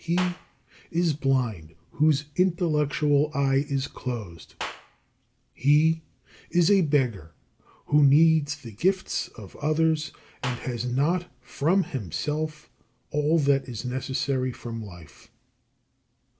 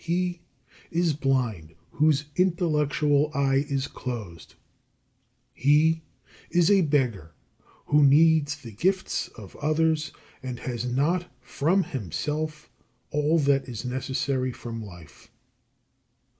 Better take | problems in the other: second | background sound (Clapping); 19 dB below the speech

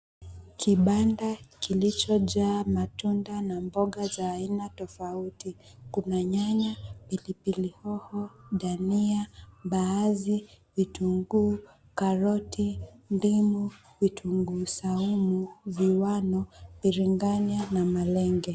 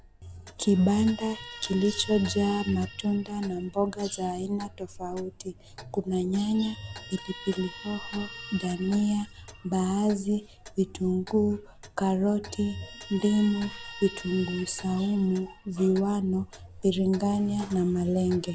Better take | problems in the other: first | background sound (Guitar + Clock); 17 dB below the speech

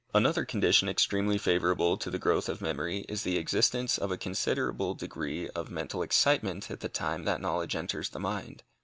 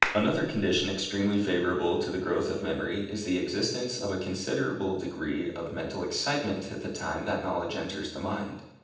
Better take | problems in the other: first | background sound (Clapping); 2 dB below the speech // room echo; dies away in 0.8 s

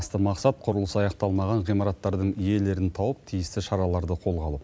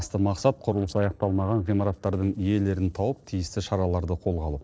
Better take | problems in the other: first | noise reduction (neural separator model SepFormer DNS4)

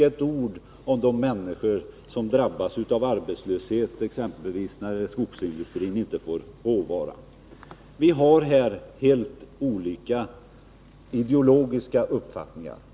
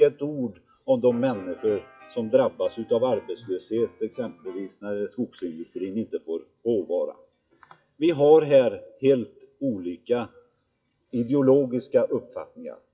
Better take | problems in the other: first | noise reduction (classical method WPE with log-MMSE)

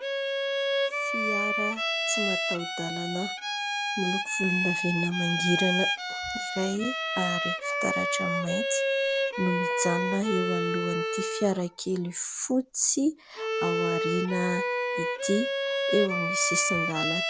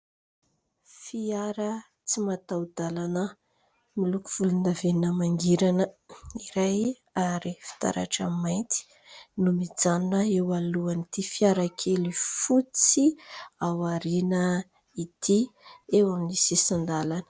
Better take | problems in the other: second | background sound (Bowed string instrument); 1 dB above the speech

